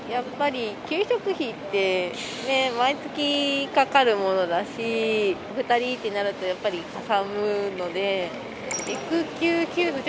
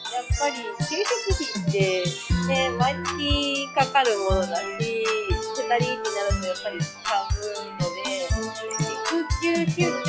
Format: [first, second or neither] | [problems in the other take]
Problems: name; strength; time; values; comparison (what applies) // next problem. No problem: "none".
first | noise reduction (classical method log-MMSE)